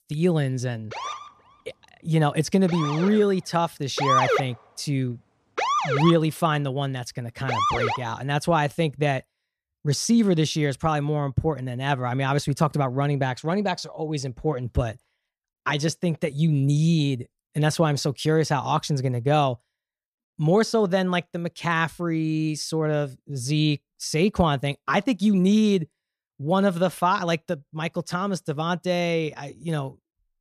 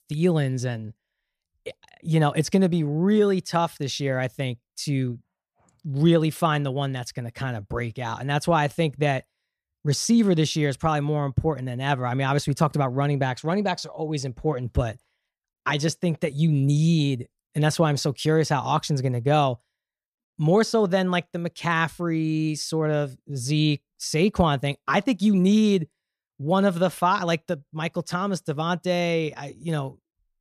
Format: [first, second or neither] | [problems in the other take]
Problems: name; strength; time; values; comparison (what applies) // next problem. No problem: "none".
second | siren; loud; from 1 to 8 s; peak 4 dB above the speech